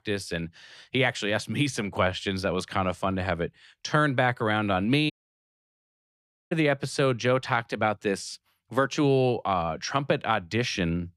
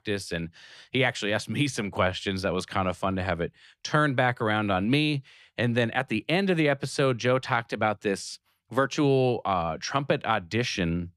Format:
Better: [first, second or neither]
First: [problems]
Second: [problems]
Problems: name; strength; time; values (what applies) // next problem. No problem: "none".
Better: second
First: audio cutting out; at 5 s for 1.5 s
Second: none